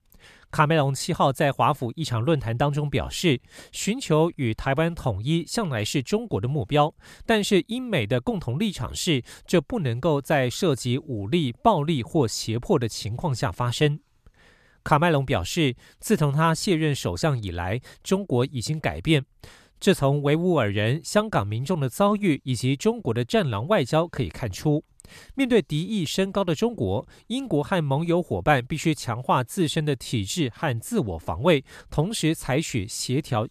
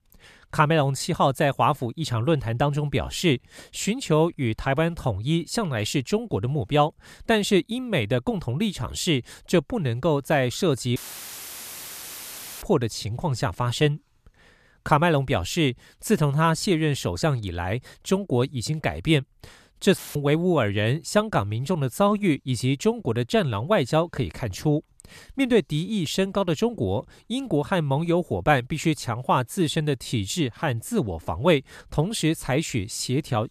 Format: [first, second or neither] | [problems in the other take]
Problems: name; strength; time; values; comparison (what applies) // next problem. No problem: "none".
first | audio cutting out; filled with static; at 11 s for 1.5 s and at 20 s